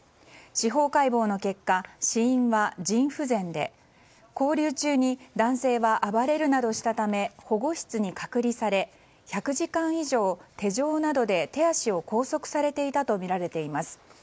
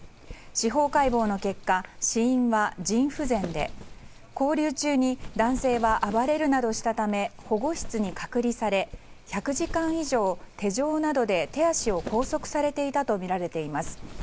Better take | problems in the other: first | background sound (Wind); 13 dB below the speech

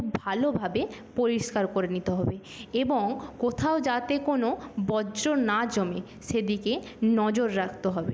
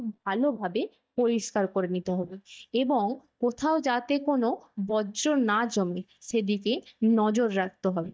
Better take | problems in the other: first | noise reduction (neural mask model DeepFilterNet 3)

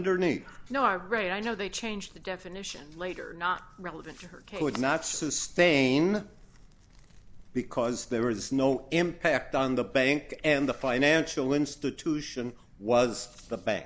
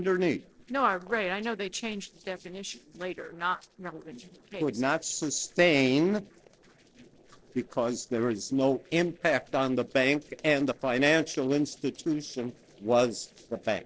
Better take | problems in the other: first | noise reduction (neural separator model SepFormer DNS4)

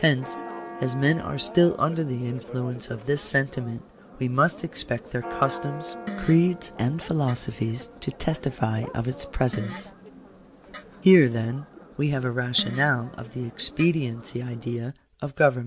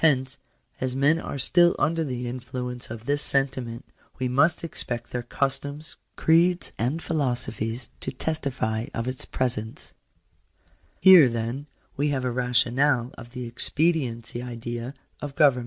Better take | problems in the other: second | background sound (Church bell + Fart); 14 dB below the speech

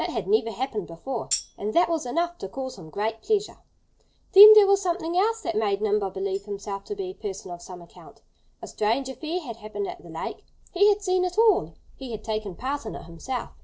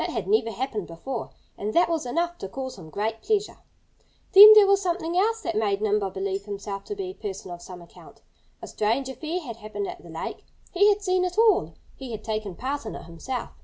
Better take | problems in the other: second | noise reduction (neural separator model SepFormer DNS4)

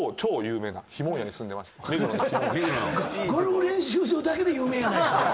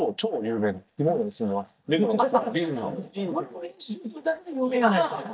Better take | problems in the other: first | noise reduction (neural mask model DeepFilterNet 3)

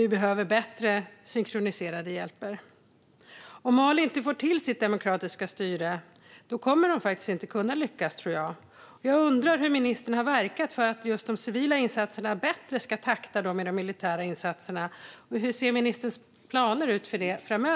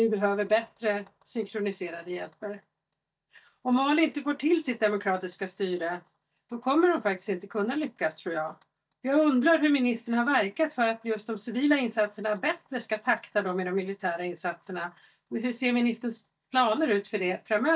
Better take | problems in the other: first | noise reduction (neural mask model DeepFilterNet 3)

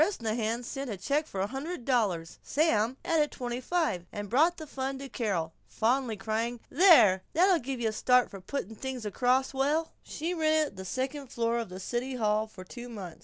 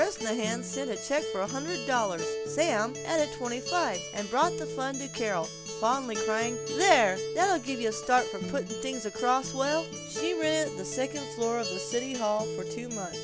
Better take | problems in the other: first | background sound (Acoustic guitar); 6 dB below the speech

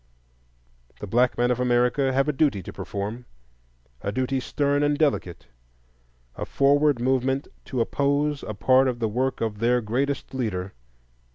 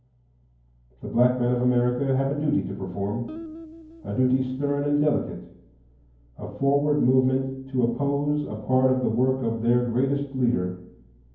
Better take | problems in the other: first | background sound (Guitar); 16 dB below the speech // room echo; dies away in 0.9 s

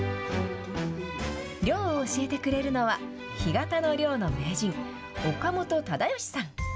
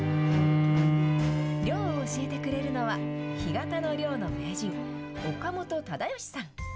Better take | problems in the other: first | background sound (Bowed string instrument); 4 dB above the speech

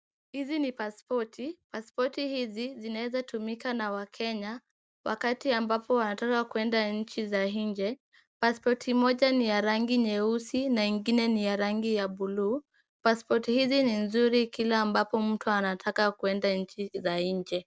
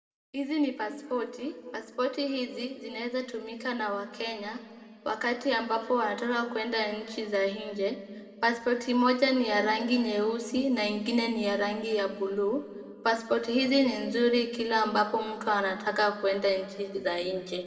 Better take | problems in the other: first | room echo; dies away in 1.7 s

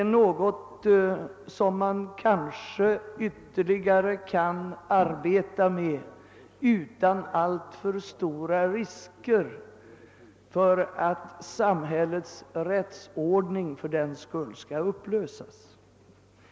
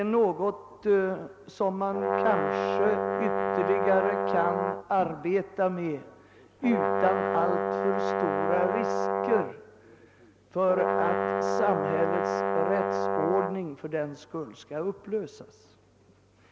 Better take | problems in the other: first | background sound (Brass instrument); 1 dB above the speech

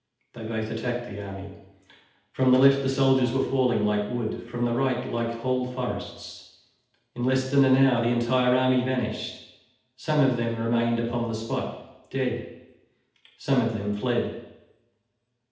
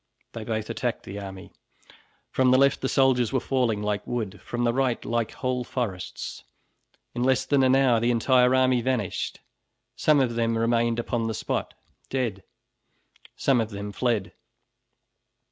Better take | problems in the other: second | room echo; dies away in 0.8 s

